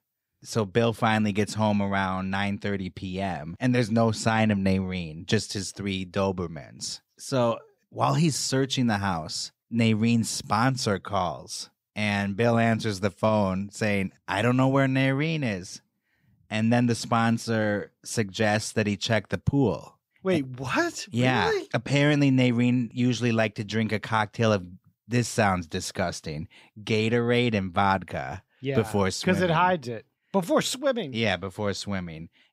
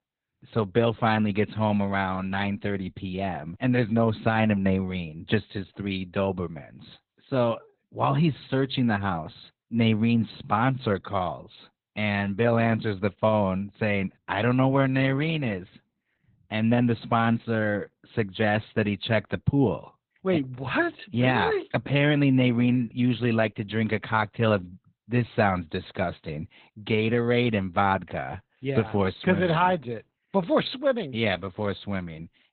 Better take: first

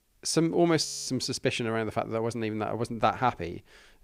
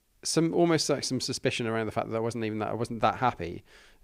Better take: second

